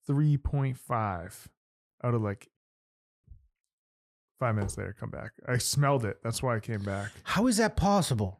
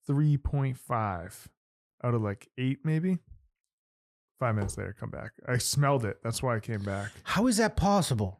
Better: second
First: audio cutting out; at 2.5 s for 0.5 s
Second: none

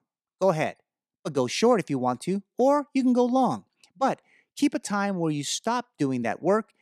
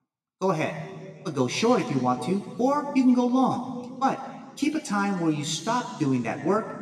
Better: first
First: none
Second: room echo; slight; dies away in 1.9 s

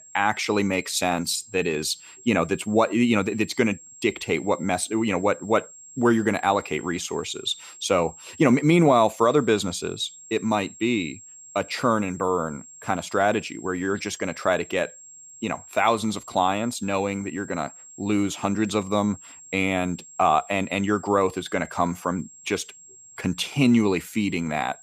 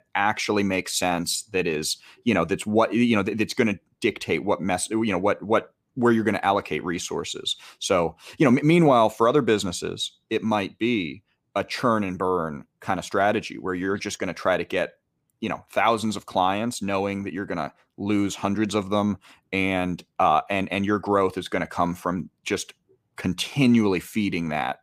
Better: second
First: high-pitched whine; noticeable; throughout; 7.5 kHz, 20 dB below the speech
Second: none

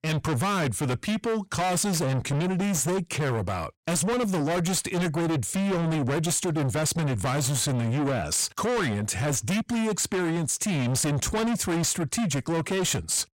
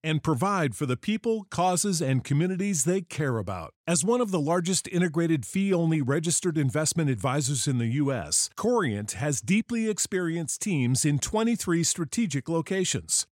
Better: second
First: distortion; heavy; 6 dB below the speech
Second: none

